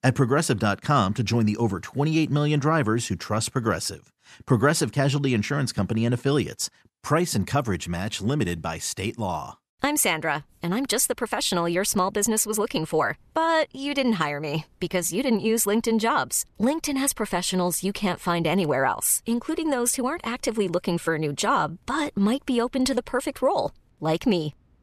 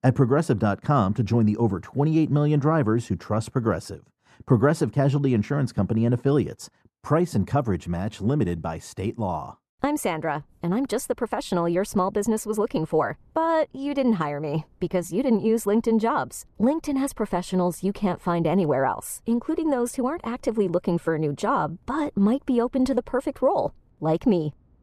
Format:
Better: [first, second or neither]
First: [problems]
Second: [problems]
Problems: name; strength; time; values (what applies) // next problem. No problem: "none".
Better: first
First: none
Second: muffled; slightly; fading above 1.5 kHz